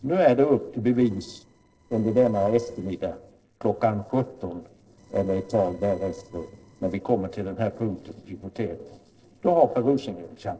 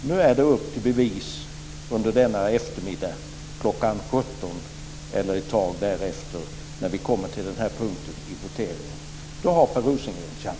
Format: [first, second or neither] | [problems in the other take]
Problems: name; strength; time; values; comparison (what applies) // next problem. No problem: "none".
second | noise reduction (neural separator model SepFormer DNS4)